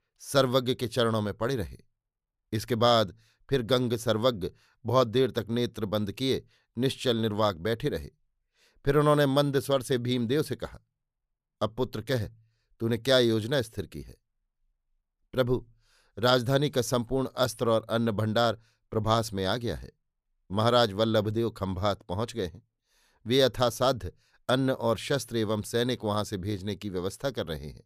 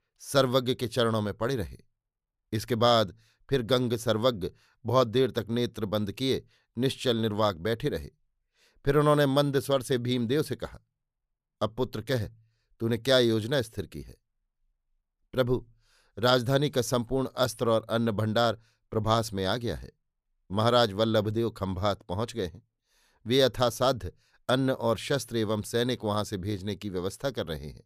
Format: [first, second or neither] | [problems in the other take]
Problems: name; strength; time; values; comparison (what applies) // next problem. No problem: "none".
neither | none